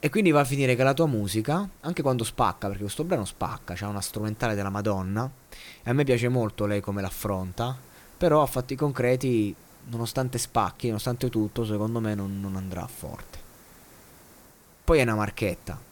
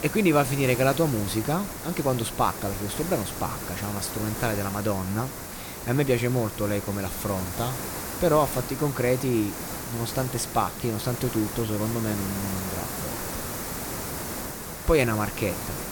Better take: first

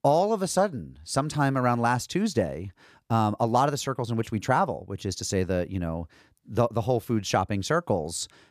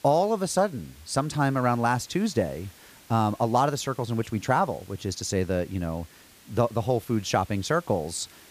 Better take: first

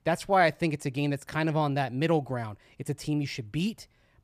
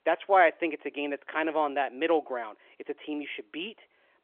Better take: first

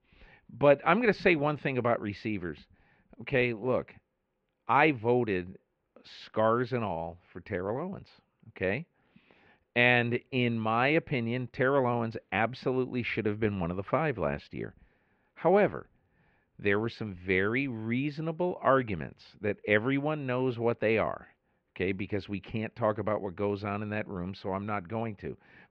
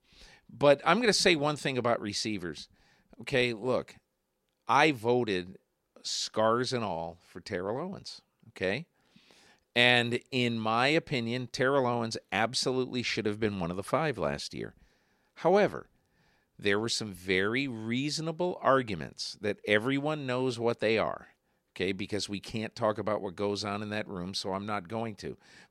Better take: second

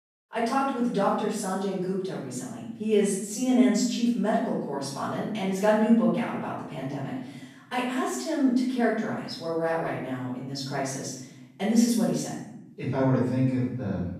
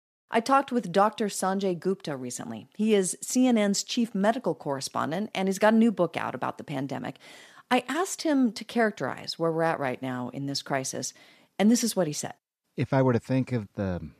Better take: second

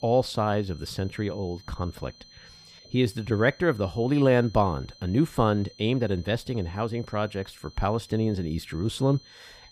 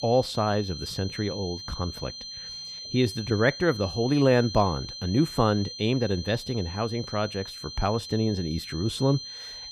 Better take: first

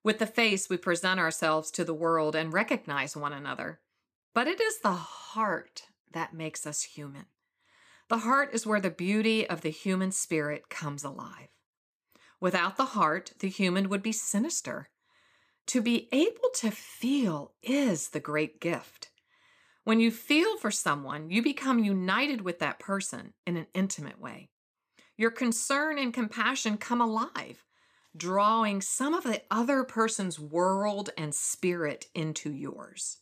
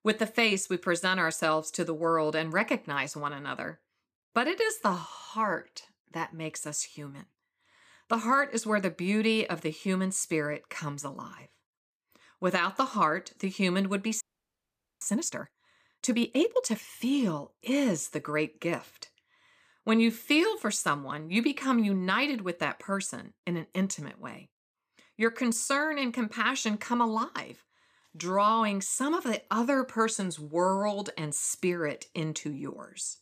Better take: first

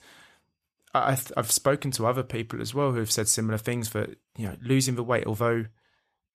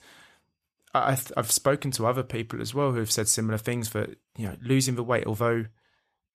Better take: neither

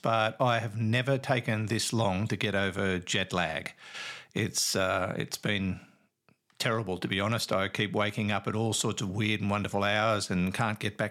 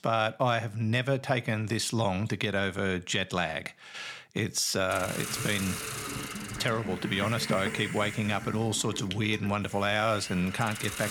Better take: first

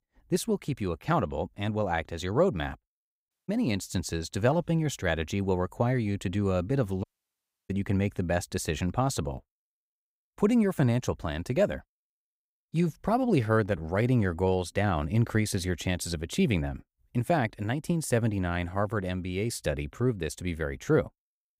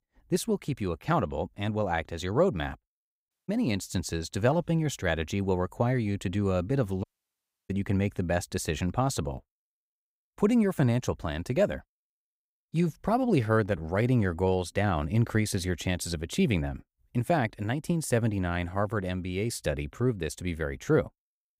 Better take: neither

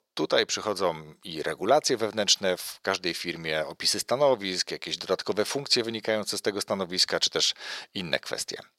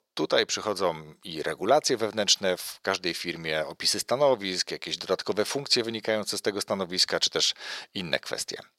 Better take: neither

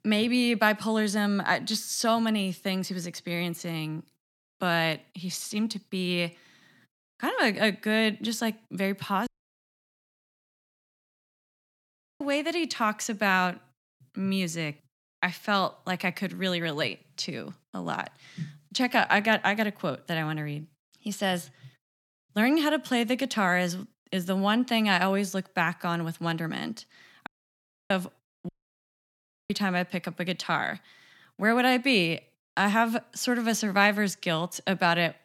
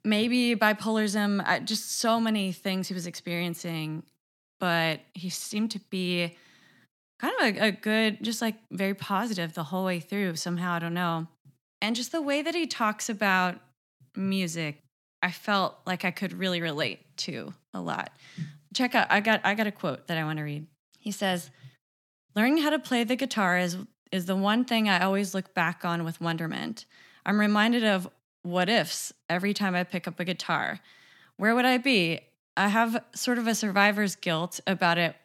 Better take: second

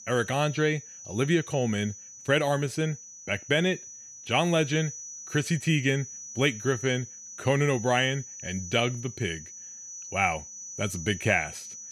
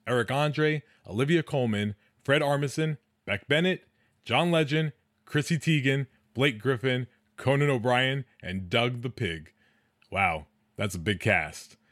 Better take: second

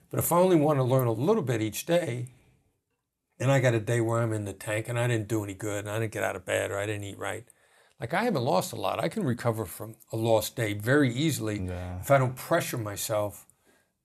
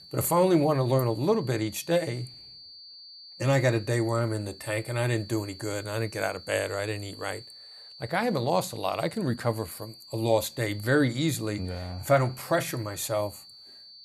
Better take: first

